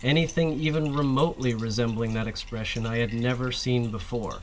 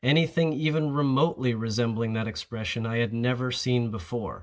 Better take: second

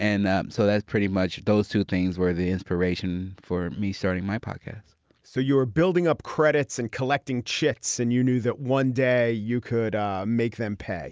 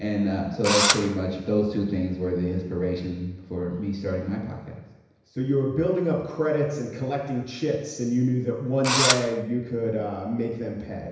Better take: first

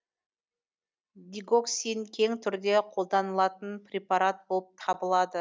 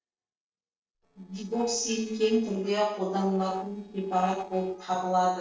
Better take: first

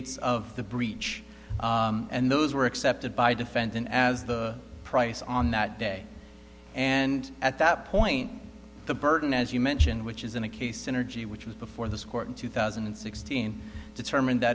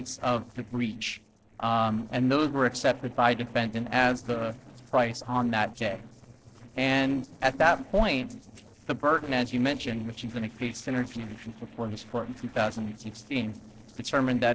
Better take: first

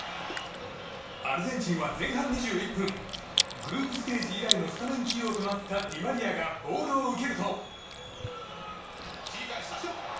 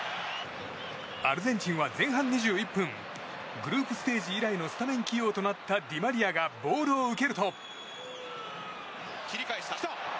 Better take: second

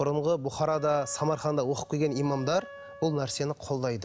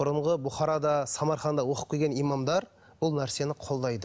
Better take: second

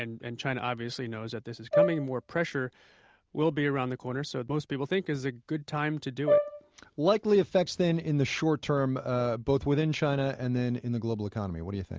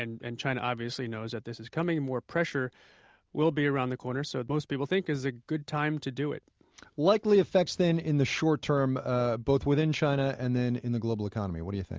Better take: second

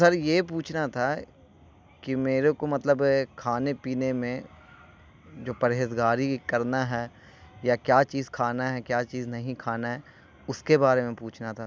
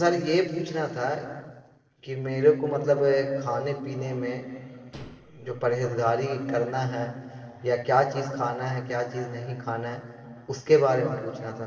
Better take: first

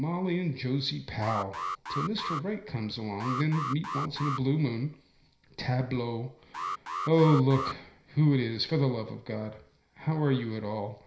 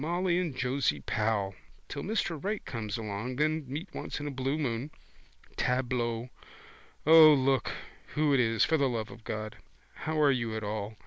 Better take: second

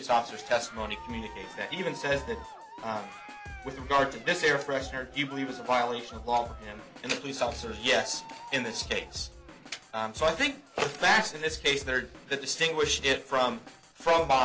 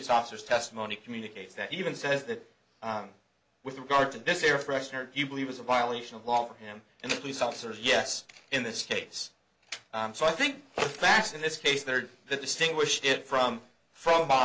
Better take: second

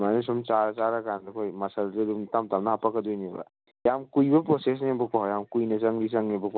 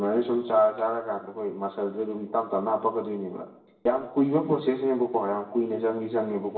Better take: first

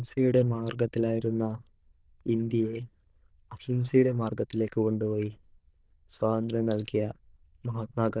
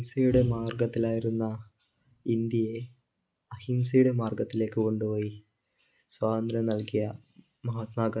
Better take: second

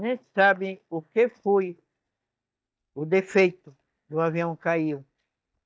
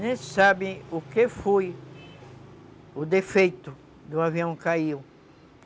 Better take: second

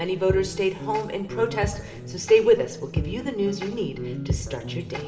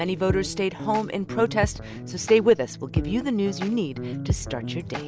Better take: second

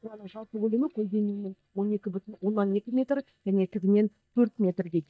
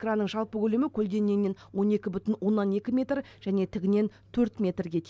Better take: second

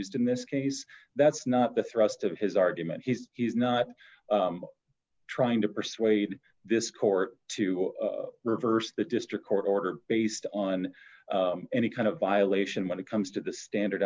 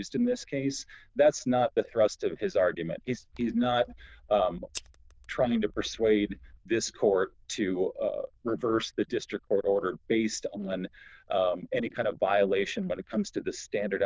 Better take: first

